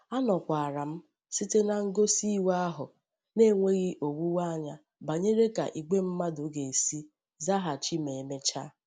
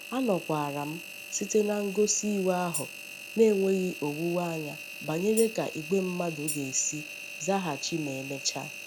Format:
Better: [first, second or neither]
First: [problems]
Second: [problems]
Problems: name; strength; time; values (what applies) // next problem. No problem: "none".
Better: first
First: none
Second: background sound (Tambourine + Engine); 11 dB below the speech